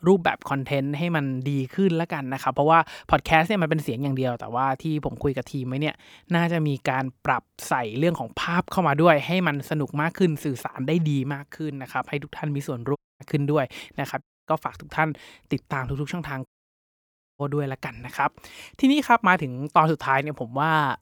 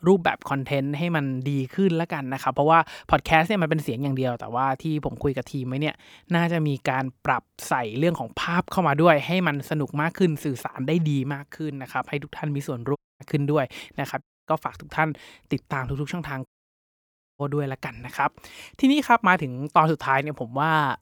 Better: neither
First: audio cutting out; at 13 s, at 14 s and at 16 s for 1 s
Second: audio cutting out; at 13 s, at 14 s and at 16 s for 1 s

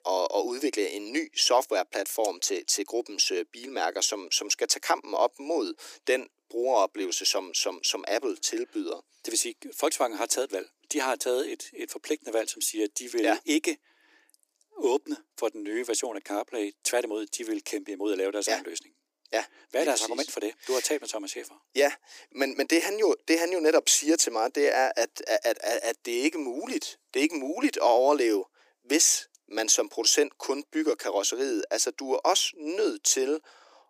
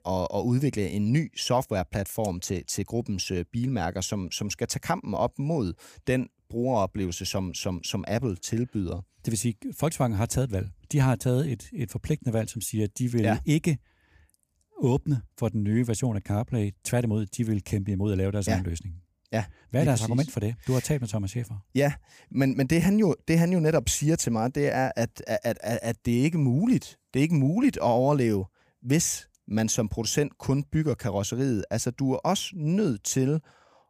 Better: second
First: thin; very; fading below 300 Hz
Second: none

